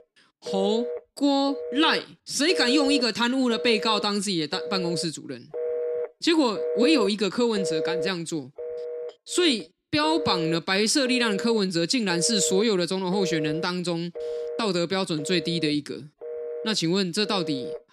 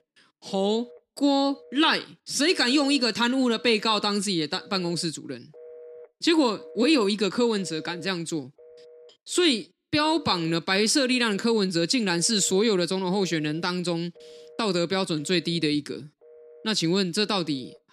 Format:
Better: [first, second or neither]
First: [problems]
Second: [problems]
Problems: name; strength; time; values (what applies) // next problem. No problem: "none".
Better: second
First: alarms or sirens; loud; throughout; 8 dB below the speech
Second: alarms or sirens; faint; throughout; 25 dB below the speech